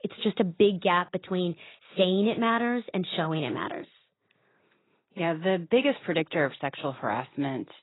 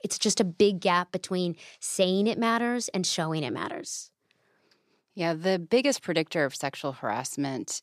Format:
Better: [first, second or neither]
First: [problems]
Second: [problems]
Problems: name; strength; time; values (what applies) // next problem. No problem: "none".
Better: second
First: garbled, watery; badly; nothing above 4 kHz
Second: none